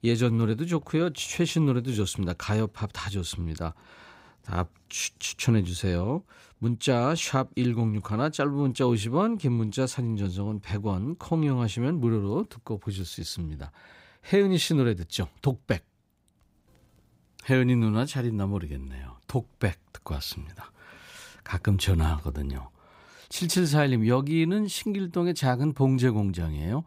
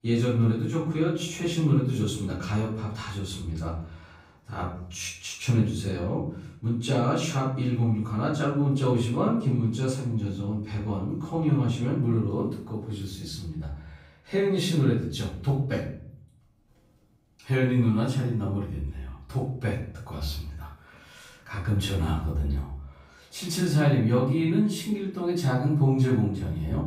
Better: first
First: none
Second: off-mic speech; far // room echo; noticeable; dies away in 0.6 s

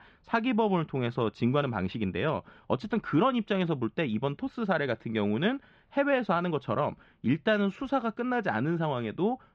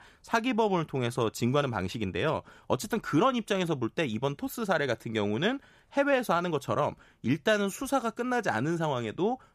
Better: second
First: muffled; slightly; fading above 3.5 kHz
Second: none

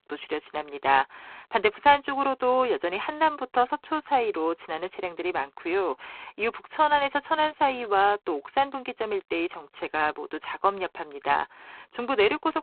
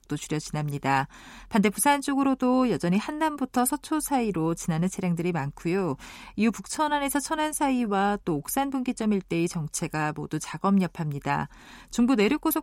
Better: second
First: phone-call audio; poor line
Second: none

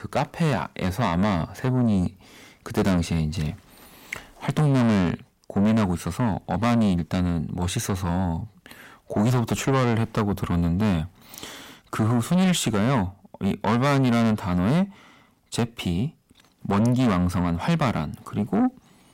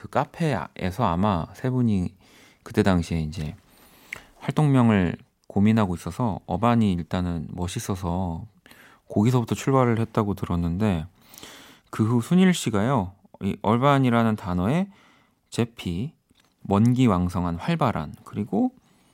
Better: second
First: distortion; heavy; 7 dB below the speech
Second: none

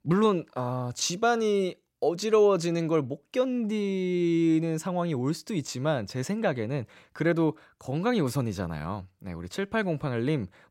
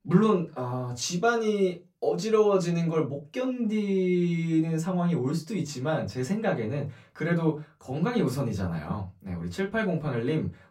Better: first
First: none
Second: off-mic speech; far // room echo; very slight; dies away in 0.2 s

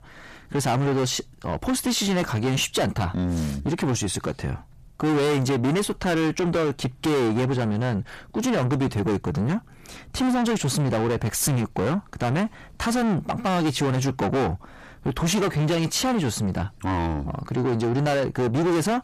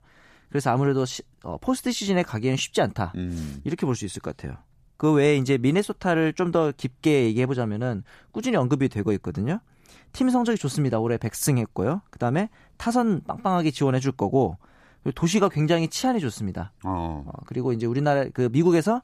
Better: second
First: distortion; heavy; 5 dB below the speech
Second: none

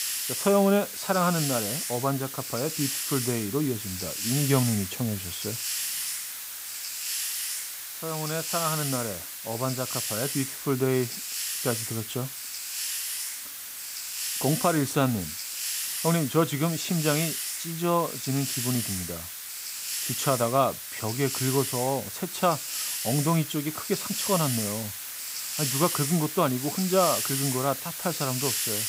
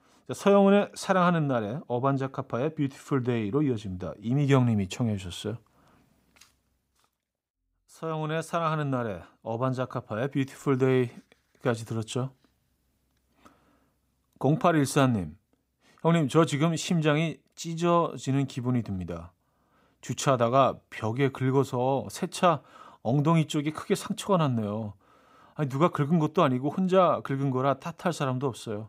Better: second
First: hiss; loud; throughout; 2 dB below the speech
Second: none

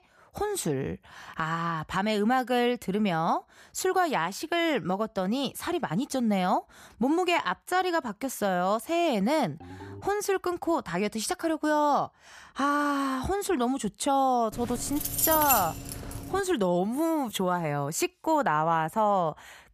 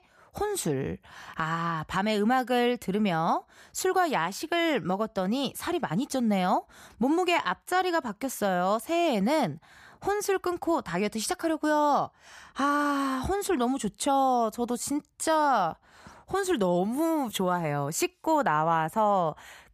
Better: second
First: phone ringing; faint; at 9.5 s; peak 15 dB below the speech // jangling keys; loud; from 15 to 16 s; peak 4 dB above the speech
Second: none

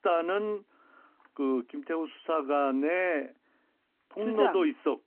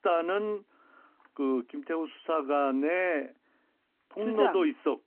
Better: neither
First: phone-call audio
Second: phone-call audio

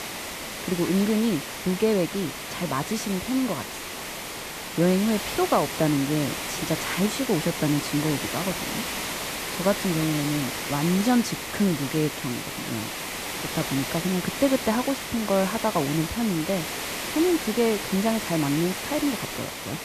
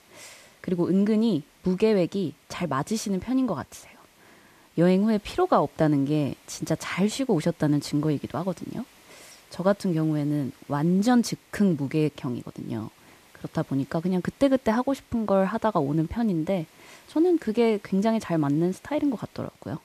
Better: second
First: hiss; loud; throughout; 4 dB below the speech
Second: hiss; faint; throughout; 30 dB below the speech

